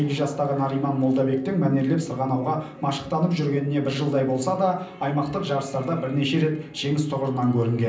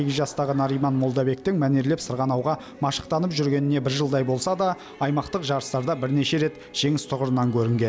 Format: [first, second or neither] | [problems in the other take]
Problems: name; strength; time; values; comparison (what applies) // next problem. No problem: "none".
second | room echo; dies away in 0.6 s